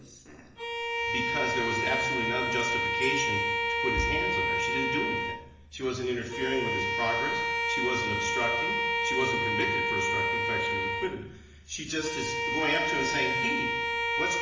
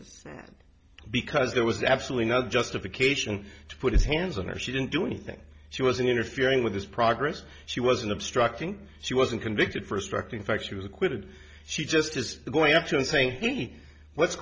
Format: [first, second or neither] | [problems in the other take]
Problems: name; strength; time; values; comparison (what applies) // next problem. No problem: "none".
second | background sound (Bowed string instrument); 4 dB above the speech // room echo; dies away in 1 s